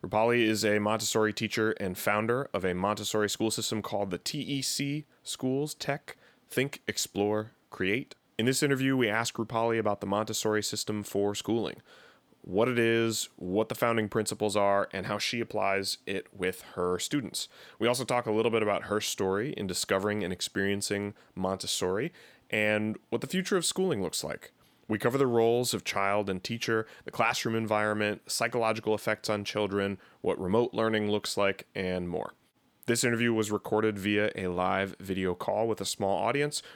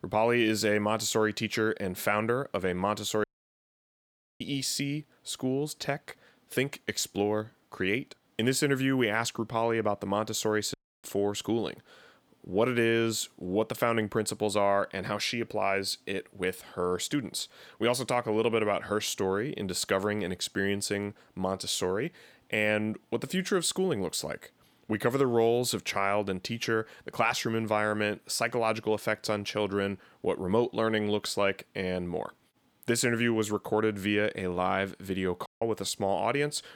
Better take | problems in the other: first | audio cutting out; at 3 s for 1 s, at 11 s and at 35 s

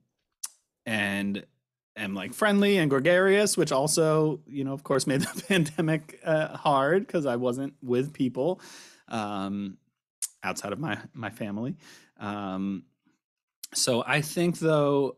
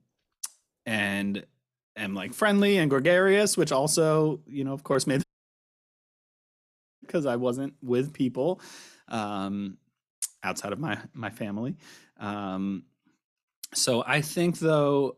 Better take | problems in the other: first | audio cutting out; at 5 s for 2 s

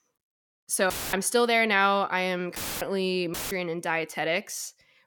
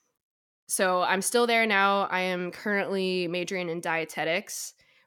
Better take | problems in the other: second | audio cutting out; filled with static; at 1 s, at 2.5 s and at 3.5 s

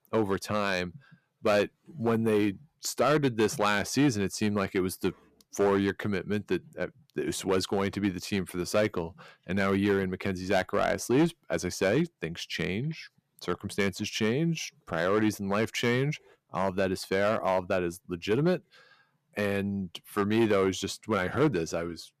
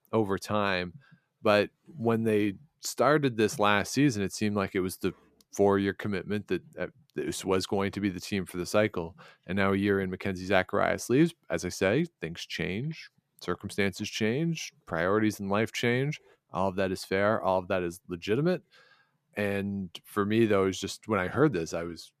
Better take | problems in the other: second | distortion; slight; 3% of the sound clipped

